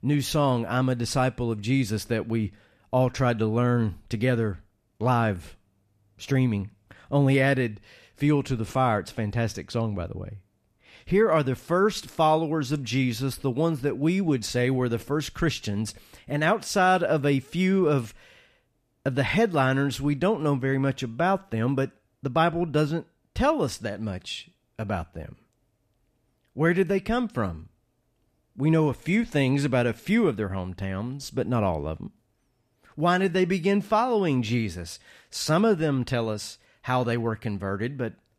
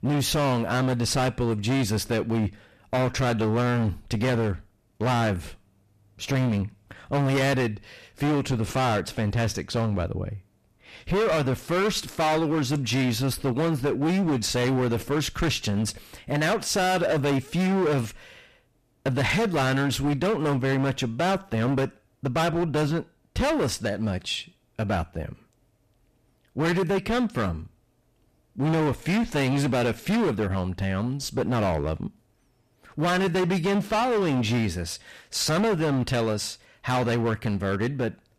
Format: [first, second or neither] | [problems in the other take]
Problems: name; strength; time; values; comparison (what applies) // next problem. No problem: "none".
first | distortion; heavy; 21% of the sound clipped